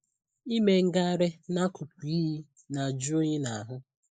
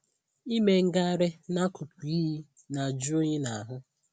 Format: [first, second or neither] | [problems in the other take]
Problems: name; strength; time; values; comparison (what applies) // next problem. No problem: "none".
second | noise reduction (neural mask model Resemble Enhance denoiser)